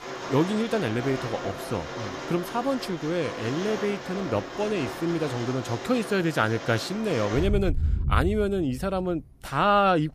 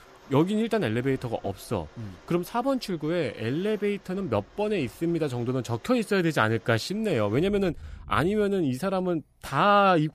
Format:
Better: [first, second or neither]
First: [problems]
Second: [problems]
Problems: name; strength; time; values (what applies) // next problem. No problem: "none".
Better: second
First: rain or running water; loud; throughout; 7 dB below the speech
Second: rain or running water; faint; throughout; 25 dB below the speech